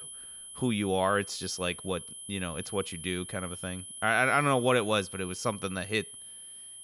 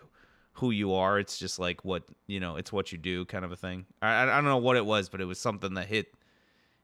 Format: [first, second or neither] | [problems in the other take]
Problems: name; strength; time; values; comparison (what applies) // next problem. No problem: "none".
second | high-pitched whine; noticeable; throughout; 10.5 kHz, 10 dB below the speech